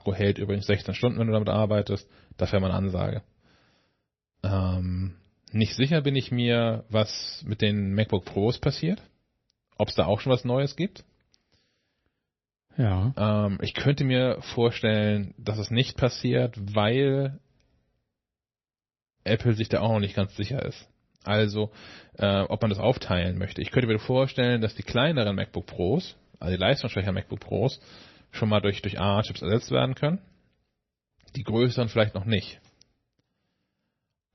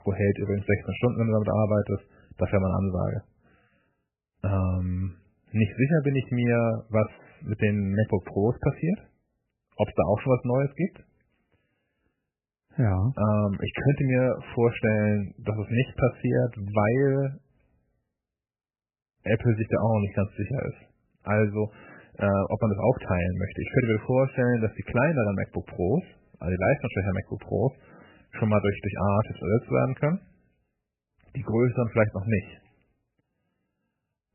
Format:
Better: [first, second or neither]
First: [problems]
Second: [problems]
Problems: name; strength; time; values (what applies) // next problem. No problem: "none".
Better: first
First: garbled, watery; slightly; nothing above 6 kHz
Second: garbled, watery; badly; nothing above 3 kHz